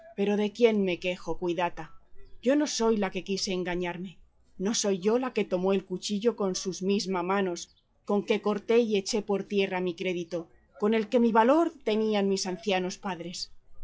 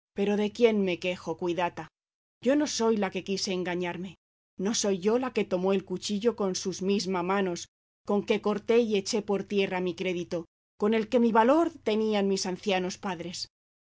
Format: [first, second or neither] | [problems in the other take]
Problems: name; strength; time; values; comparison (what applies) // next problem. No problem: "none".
second | noise reduction (classical method log-MMSE)